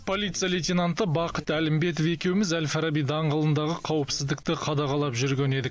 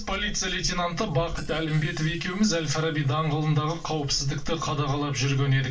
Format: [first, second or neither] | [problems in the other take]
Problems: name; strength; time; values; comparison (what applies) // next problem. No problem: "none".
first | noise reduction (neural separator model SepFormer DNS4)